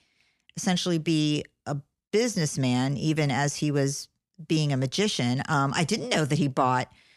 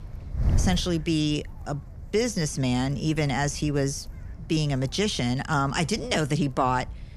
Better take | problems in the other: first | wind noise on the microphone; occasional gusts; 20 dB below the speech

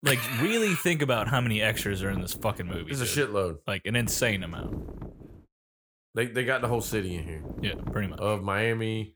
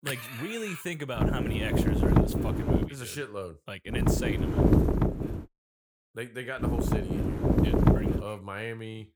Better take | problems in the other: first | wind noise on the microphone; heavy; from 1 to 3 s, from 4 to 5.5 s and from 6.5 to 8 s; 5 dB above the speech; occasional gusts in the first

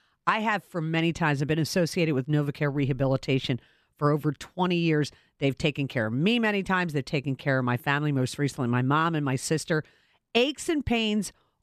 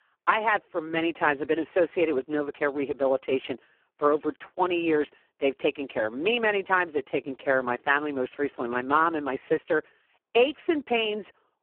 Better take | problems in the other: first | phone-call audio; poor line

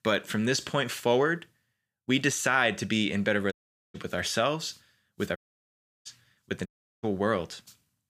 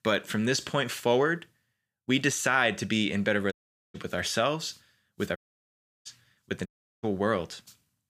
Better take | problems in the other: neither | audio cutting out; at 3.5 s, at 5.5 s for 0.5 s and at 6.5 s; the same in both

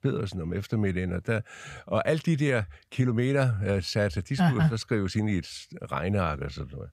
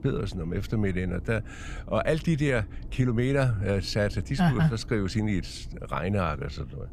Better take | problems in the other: first | low rumble; faint; throughout; 25 dB below the speech

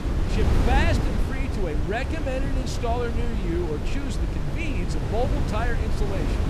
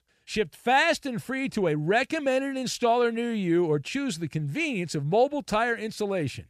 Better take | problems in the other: second | wind noise on the microphone; heavy; 3 dB below the speech

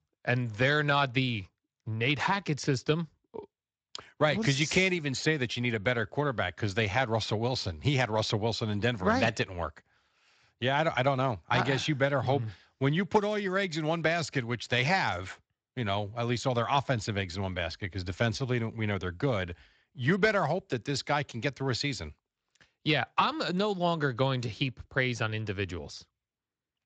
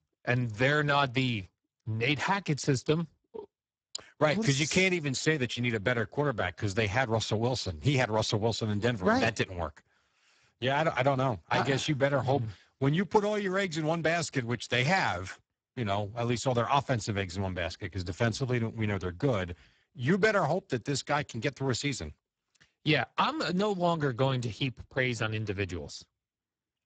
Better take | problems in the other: first | garbled, watery; badly; nothing above 8 kHz; slightly in the first

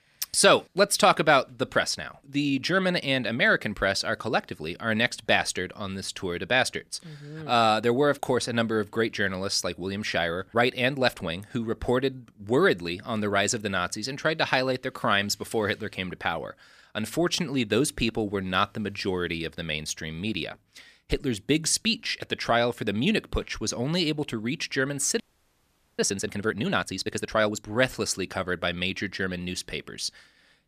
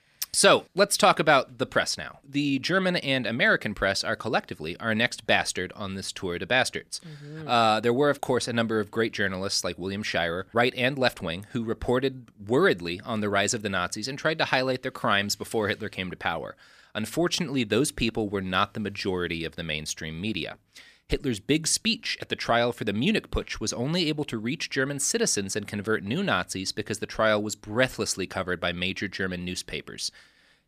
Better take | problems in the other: second | audio freezing; at 25 s for 1 s

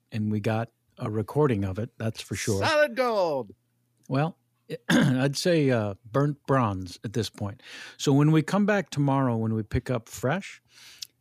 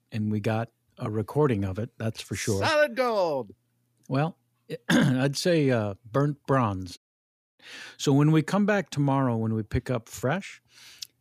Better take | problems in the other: first | audio cutting out; at 7 s for 0.5 s

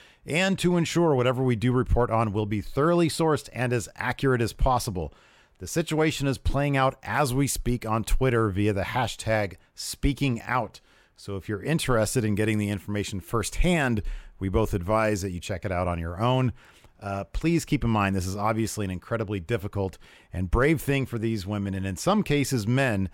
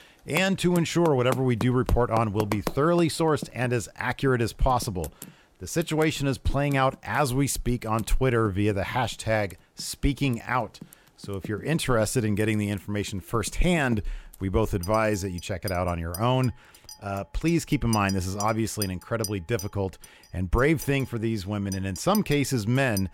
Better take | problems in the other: first | household noises; noticeable; throughout; 15 dB below the speech

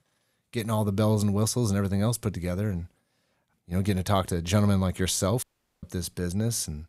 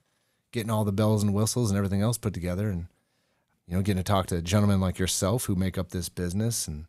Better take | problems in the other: second | audio cutting out; at 5.5 s

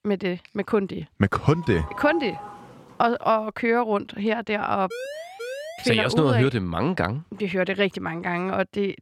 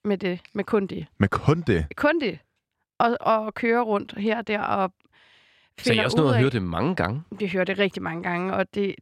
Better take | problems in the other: second | doorbell; noticeable; from 1.5 to 3 s; peak 9 dB below the speech // siren; noticeable; at 5 s; peak 10 dB below the speech

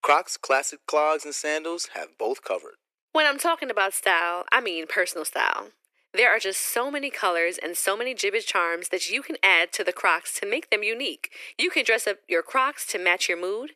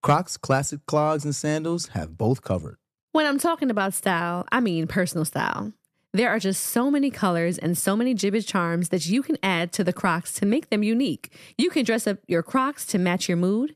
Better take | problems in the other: second | thin; very; fading below 350 Hz

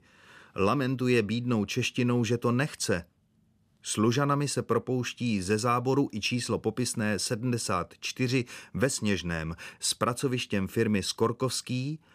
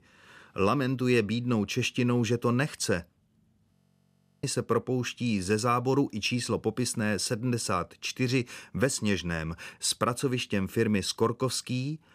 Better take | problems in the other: first | audio freezing; at 3.5 s for 0.5 s

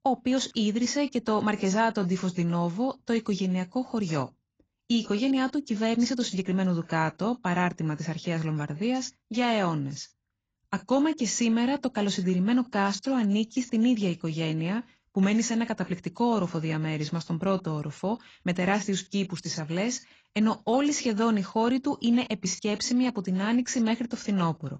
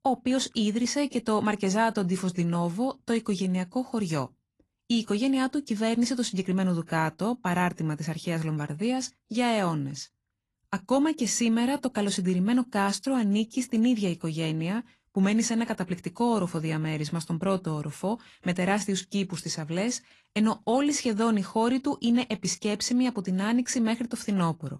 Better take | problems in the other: second | garbled, watery; badly; nothing above 7.5 kHz; slightly in the second

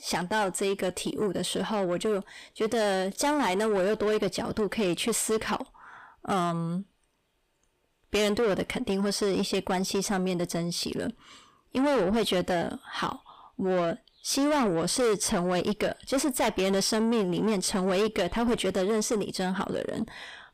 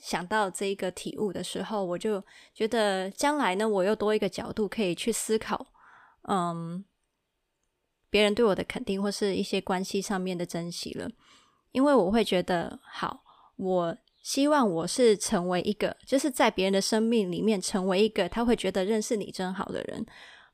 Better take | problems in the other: second | distortion; heavy; 8 dB below the speech

